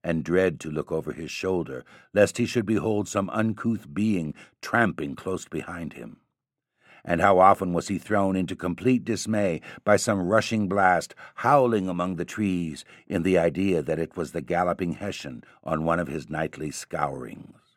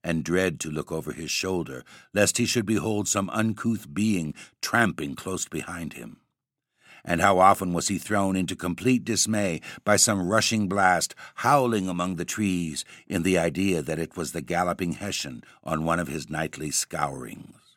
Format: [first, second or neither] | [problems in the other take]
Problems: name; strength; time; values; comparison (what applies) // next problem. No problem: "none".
second | muffled; slightly; fading above 3 kHz